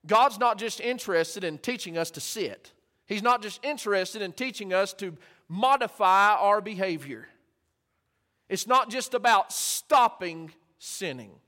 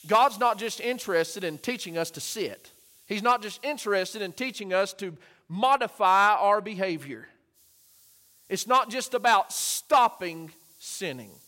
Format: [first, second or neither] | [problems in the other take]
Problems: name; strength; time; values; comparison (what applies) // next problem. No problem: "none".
first | hiss; faint; until 4.5 s and from 7.5 s on; 25 dB below the speech